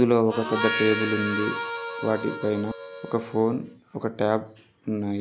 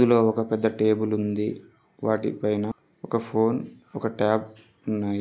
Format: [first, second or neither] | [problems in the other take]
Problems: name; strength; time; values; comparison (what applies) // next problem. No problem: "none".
second | background sound (Harmonica); 6 dB below the speech